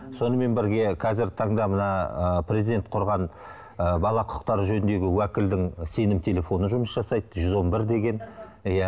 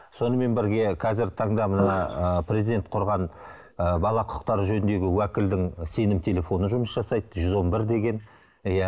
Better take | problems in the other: first | noise reduction (neural mask model Resemble Enhance denoiser)

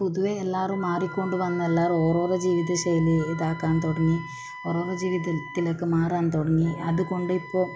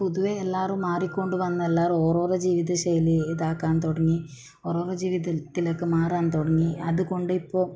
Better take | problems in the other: second | background sound (Wind instrument, woodwind instrument); 16 dB below the speech

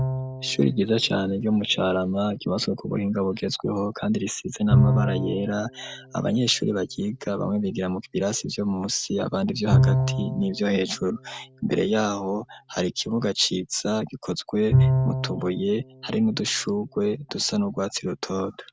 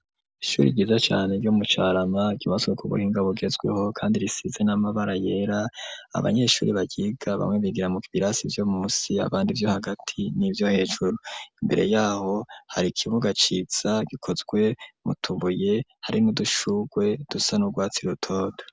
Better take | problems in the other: second | background sound (Bowed string instrument); 3 dB below the speech

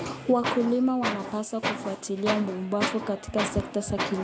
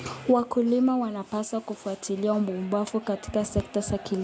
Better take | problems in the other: second | background sound (Tools); 6 dB below the speech

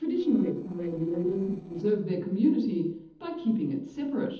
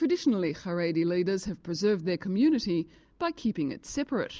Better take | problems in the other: second | noise reduction (neural separator model SepFormer DNS4)

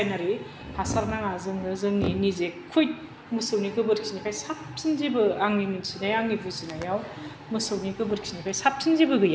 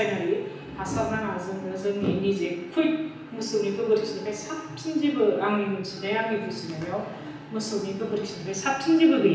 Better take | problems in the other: first | room echo; dies away in 0.9 s

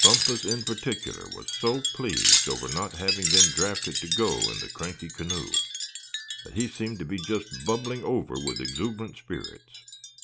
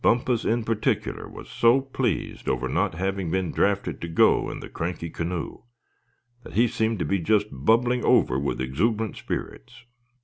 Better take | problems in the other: second | background sound (Wind chime); 3 dB above the speech

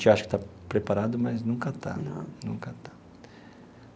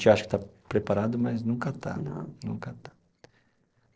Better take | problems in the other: first | noise reduction (neural separator model SepFormer DNS4)

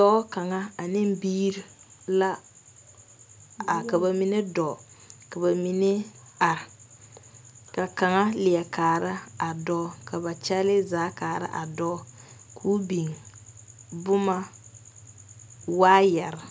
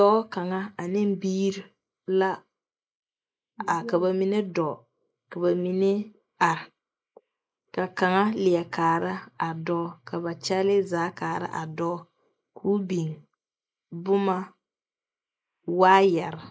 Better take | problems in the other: first | noise reduction (neural mask model Resemble Enhance denoiser)

